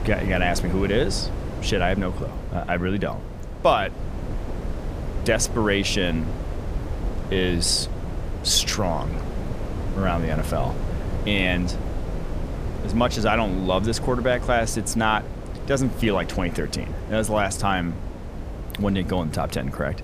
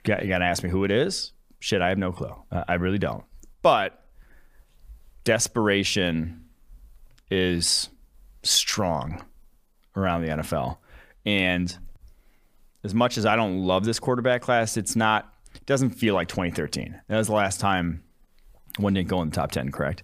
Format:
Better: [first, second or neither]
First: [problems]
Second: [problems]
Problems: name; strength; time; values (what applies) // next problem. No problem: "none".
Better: second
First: wind noise on the microphone; occasional gusts; 15 dB below the speech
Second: none